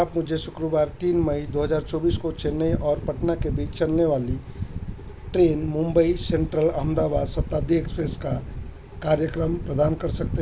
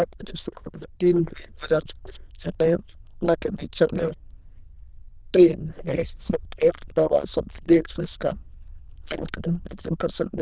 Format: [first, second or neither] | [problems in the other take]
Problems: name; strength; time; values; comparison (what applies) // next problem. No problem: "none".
first | noise reduction (neural diffusion model UNIVERSE++)